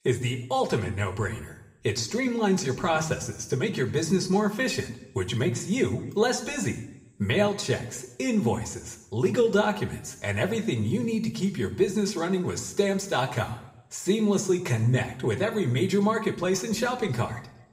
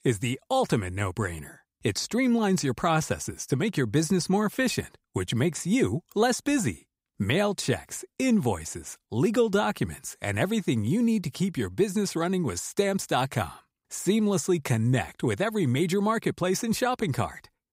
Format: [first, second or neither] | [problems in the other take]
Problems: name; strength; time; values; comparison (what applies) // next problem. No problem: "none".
second | room echo; slight; dies away in 0.7 s // off-mic speech; somewhat distant